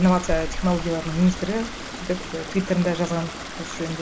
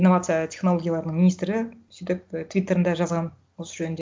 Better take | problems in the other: second | background sound (Stream); 8 dB below the speech

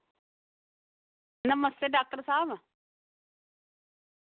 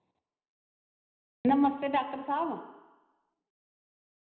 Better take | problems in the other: first | room echo; dies away in 0.9 s

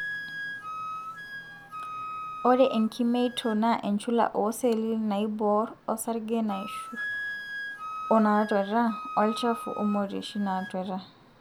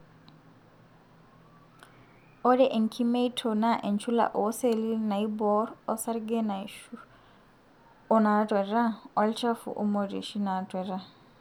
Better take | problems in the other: second | background sound (Wind instrument, woodwind instrument); 11 dB below the speech

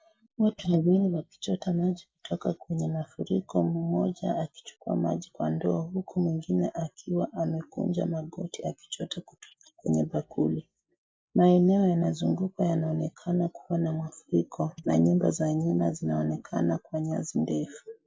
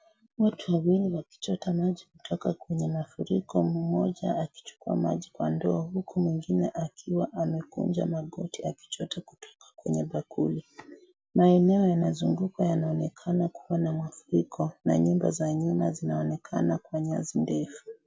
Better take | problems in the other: second | noise reduction (neural mask model Resemble Enhance denoiser)

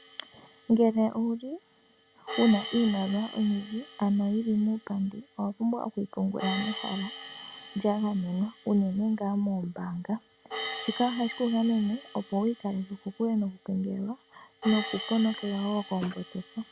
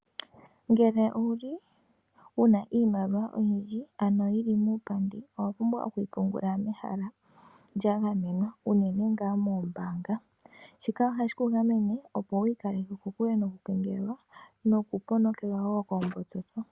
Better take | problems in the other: second | background sound (Hi-hat); 14 dB below the speech

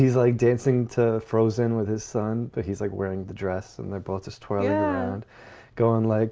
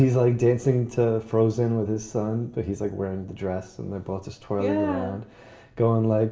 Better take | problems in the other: first | room echo; dies away in 0.6 s

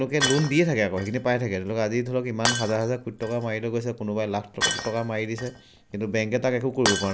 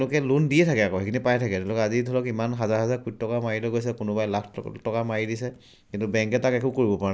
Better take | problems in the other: second | background sound (Shatter); 7 dB below the speech

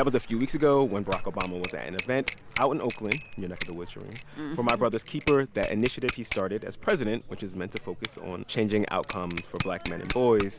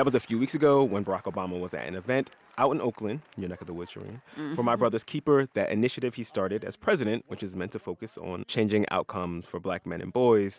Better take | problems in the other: second | background sound (Bicycle bell); 9 dB below the speech

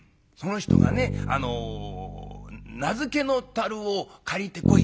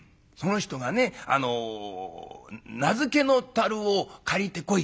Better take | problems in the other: second | background sound (Bass guitar); 2 dB above the speech

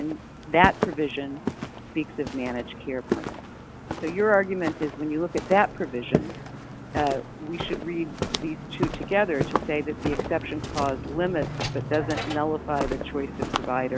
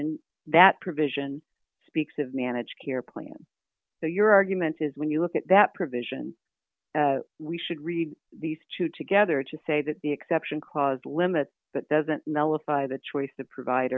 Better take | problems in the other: second | background sound (Walk, footsteps); 4 dB below the speech

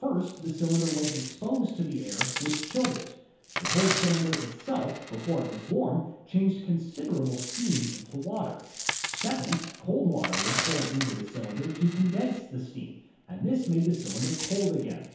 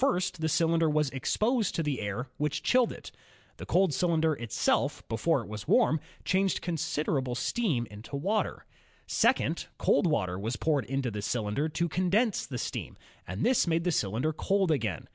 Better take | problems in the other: second | background sound (Coin (dropping)); 7 dB below the speech // room echo; dies away in 0.8 s

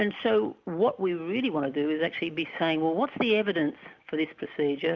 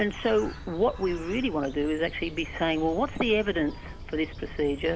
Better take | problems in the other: first | background sound (Bird); 12 dB below the speech

